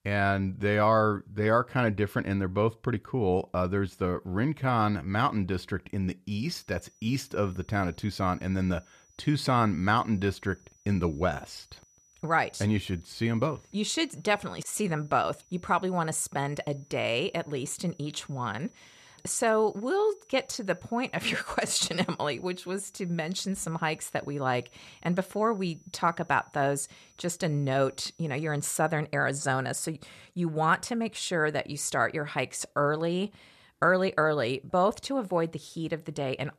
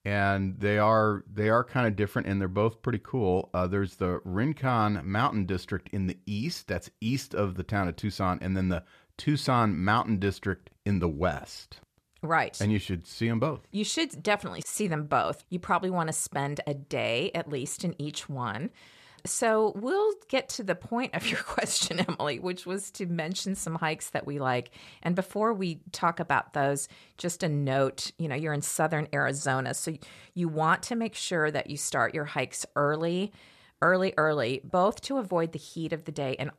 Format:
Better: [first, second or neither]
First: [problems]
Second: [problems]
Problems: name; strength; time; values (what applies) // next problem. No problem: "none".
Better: second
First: high-pitched whine; faint; from 6.5 to 29 s; 6 kHz, 30 dB below the speech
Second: none